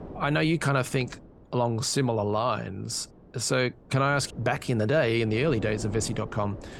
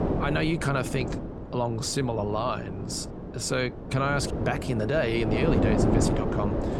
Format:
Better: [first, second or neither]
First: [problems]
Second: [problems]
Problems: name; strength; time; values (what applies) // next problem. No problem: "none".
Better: first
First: wind noise on the microphone; occasional gusts; 20 dB below the speech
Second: wind noise on the microphone; heavy; 4 dB below the speech